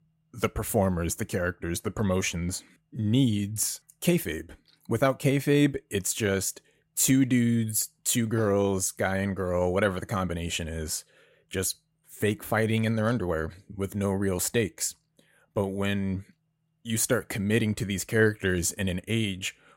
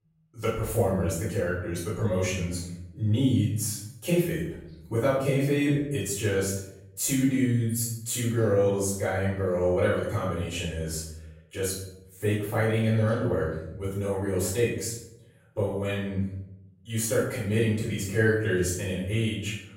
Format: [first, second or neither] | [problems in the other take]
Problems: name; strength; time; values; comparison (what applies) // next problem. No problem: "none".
first | off-mic speech; far // room echo; noticeable; dies away in 0.8 s